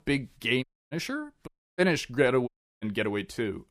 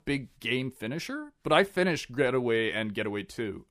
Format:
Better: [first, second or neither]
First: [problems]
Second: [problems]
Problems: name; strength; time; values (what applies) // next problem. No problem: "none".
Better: second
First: audio cutting out; at 0.5 s, at 1.5 s and at 2.5 s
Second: none